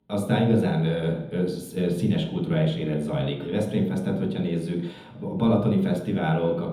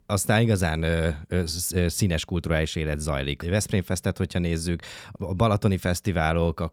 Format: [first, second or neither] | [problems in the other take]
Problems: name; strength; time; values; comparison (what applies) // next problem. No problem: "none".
second | room echo; noticeable; dies away in 1 s // off-mic speech; far